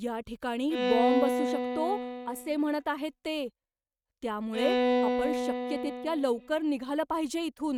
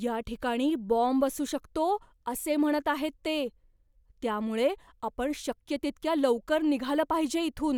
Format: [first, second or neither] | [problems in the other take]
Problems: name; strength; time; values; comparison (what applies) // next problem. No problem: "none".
second | noise reduction (neural mask model RNNoise)